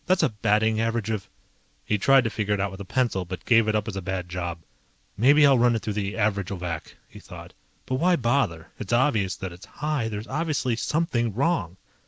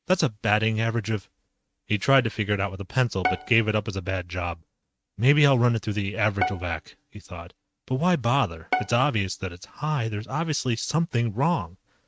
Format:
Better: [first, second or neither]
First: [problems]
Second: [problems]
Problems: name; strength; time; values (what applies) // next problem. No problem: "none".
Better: first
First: none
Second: noise reduction (neural mask model RNNoise)